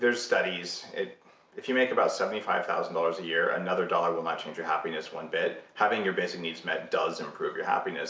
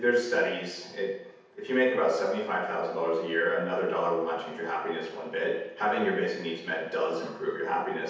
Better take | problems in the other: first | room echo; dies away in 0.8 s

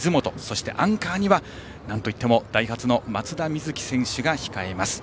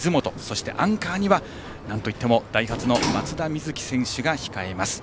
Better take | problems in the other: first | background sound (Sliding door); 10 dB below the speech

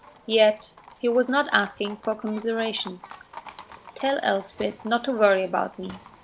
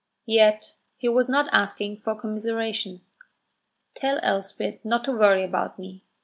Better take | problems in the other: second | background sound (Livestock, farm animals, working animals); 20 dB below the speech

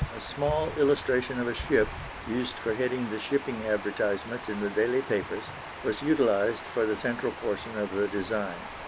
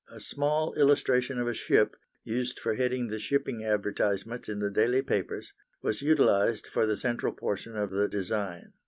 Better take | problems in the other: second | background sound (Water); 10 dB below the speech

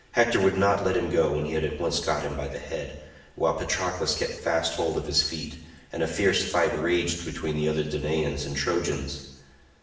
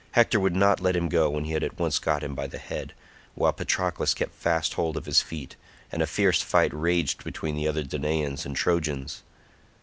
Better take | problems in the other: second | room echo; dies away in 0.9 s

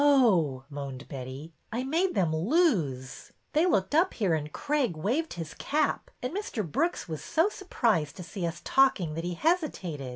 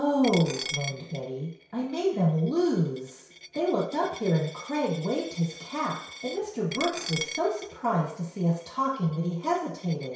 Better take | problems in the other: first | background sound (Coin (dropping)); 13 dB below the speech // room echo; dies away in 0.6 s

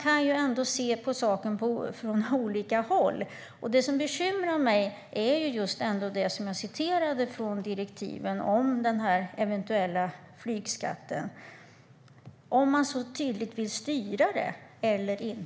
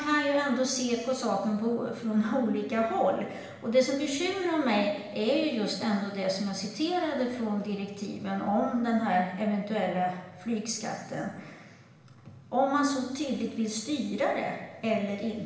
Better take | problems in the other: first | room echo; dies away in 1.1 s

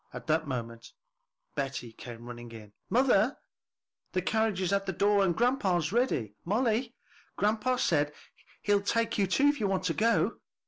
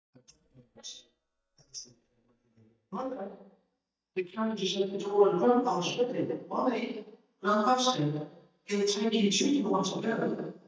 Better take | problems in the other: first | noise reduction (neural mask model DeepFilterNet 3)

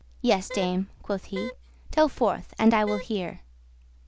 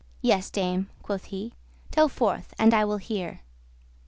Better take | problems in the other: second | background sound (Wind instrument, woodwind instrument); 14 dB below the speech

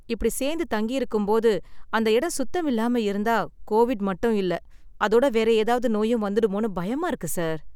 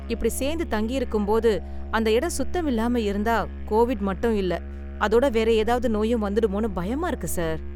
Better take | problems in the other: first | background sound (Musical instrument); 11 dB below the speech

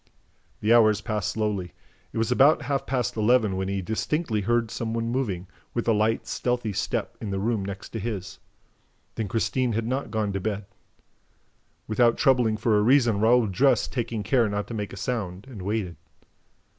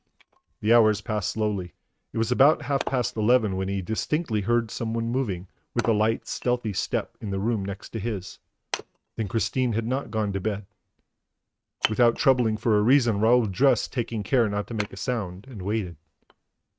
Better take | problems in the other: first | noise reduction (neural mask model RNNoise)

